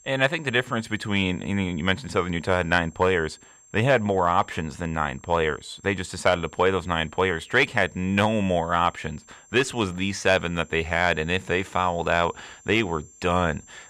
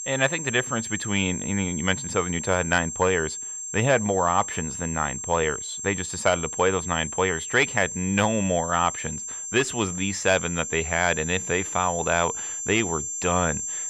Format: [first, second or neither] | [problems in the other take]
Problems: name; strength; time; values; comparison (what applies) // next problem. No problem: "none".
first | high-pitched whine; loud; throughout; 7.5 kHz, 6 dB below the speech; faint in the first